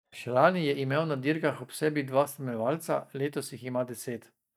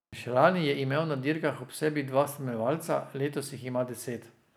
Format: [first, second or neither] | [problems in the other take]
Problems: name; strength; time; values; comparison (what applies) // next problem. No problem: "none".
second | noise reduction (neural mask model DeepFilterNet 3)